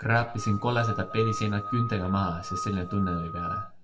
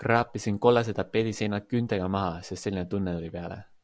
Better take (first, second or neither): second